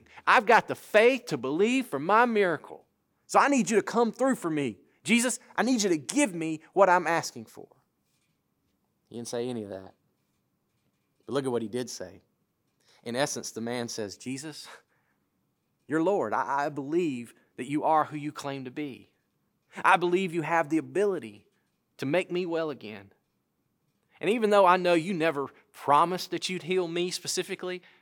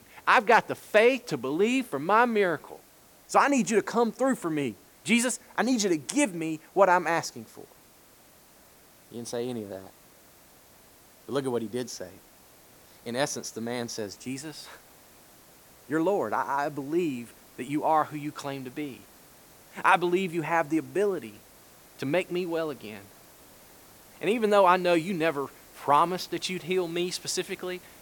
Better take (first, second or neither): first